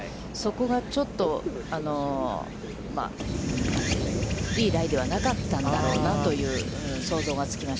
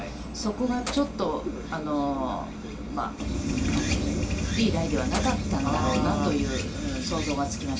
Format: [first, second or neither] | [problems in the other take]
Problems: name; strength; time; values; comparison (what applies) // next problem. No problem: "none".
first | background sound (Keys jangling); 19 dB below the speech // room echo; dies away in 0.2 s